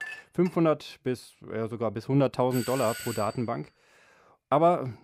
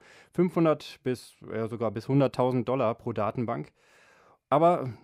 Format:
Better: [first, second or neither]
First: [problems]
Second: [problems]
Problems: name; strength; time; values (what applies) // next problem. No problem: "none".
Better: second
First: clattering dishes; faint; at the start; peak 10 dB below the speech // doorbell; noticeable; at 2.5 s; peak 8 dB below the speech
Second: none